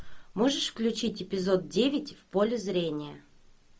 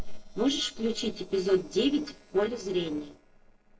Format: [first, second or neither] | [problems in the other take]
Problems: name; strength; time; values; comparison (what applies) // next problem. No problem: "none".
first | noise reduction (neural separator model SepFormer DNS4)